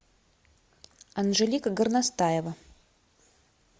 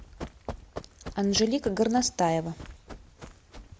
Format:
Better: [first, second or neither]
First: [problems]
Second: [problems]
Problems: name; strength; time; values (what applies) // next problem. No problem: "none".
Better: first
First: none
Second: background sound (Run); 13 dB below the speech